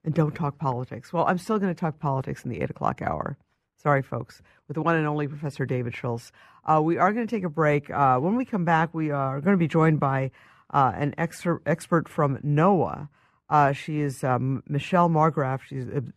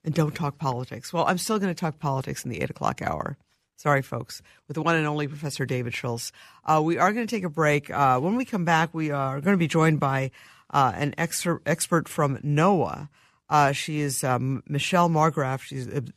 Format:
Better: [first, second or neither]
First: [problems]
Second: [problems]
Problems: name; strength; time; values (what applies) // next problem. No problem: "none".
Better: second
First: muffled; slightly; fading above 2.5 kHz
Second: none